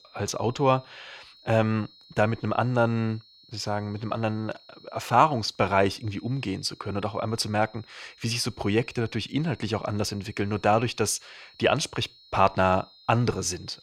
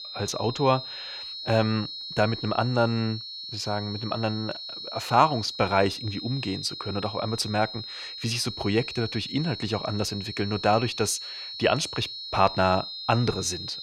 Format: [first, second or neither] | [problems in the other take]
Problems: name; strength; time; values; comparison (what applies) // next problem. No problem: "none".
first | high-pitched whine; loud; throughout; 4 kHz, 8 dB below the speech; faint in the first